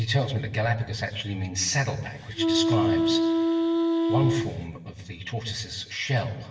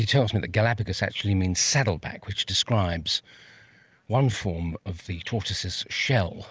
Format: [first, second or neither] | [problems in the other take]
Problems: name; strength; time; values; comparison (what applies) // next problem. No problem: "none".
second | background sound (Wind instrument, woodwind instrument); 4 dB above the speech // room echo; dies away in 1 s